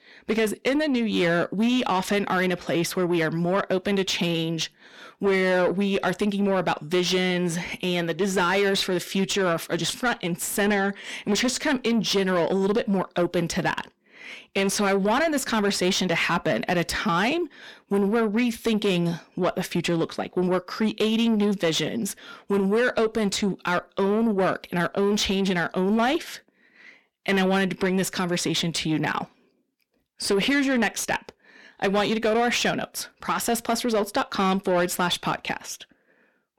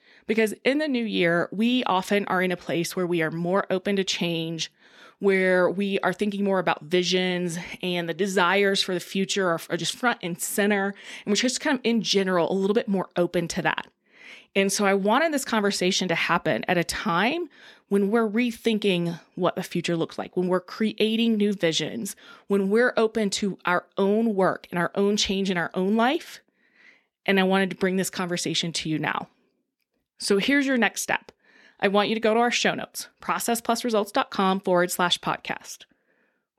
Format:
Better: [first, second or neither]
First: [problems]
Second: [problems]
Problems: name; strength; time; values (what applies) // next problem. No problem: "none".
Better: second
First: distortion; slight; 10 dB below the speech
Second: none